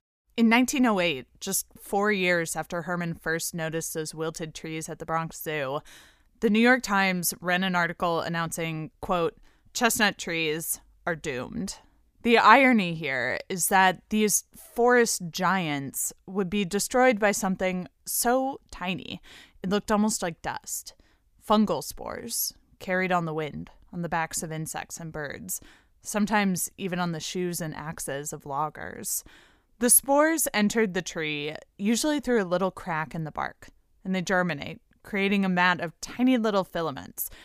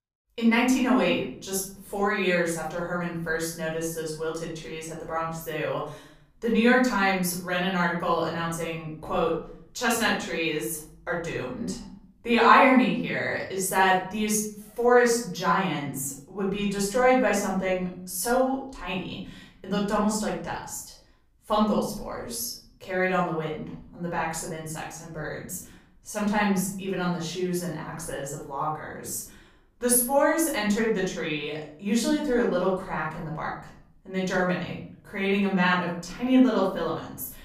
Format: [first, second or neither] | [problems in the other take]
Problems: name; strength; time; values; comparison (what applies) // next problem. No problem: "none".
first | room echo; noticeable; dies away in 0.6 s // off-mic speech; far